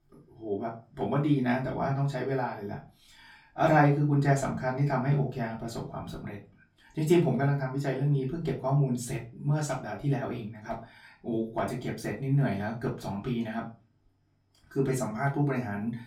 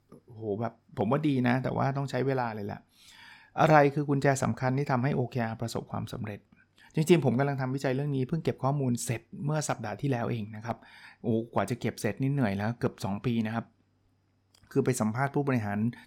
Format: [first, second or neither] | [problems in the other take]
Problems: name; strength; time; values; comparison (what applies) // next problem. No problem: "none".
second | off-mic speech; far // room echo; very slight; dies away in 0.3 s